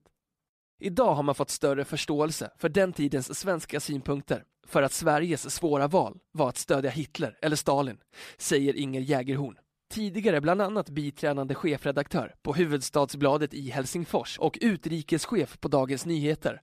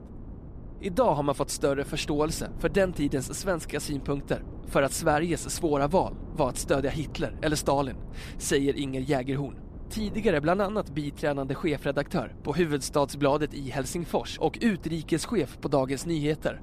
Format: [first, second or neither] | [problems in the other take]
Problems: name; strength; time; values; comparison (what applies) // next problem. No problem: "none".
first | wind noise on the microphone; occasional gusts; 20 dB below the speech